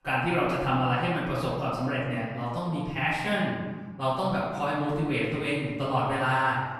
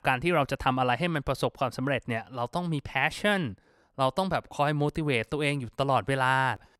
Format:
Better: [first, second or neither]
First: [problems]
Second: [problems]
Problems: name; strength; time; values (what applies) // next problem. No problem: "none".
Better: second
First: off-mic speech; far // room echo; noticeable; dies away in 1.3 s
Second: none